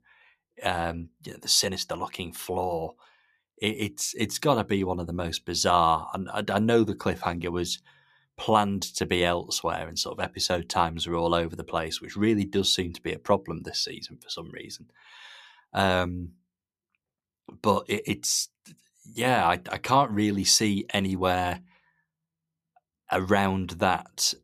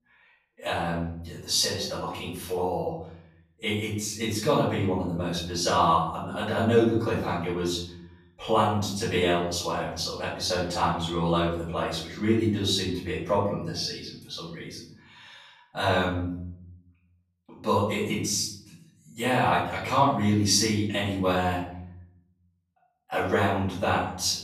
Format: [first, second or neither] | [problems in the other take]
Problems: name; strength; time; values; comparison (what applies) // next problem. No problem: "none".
first | off-mic speech; far // room echo; noticeable; dies away in 0.7 s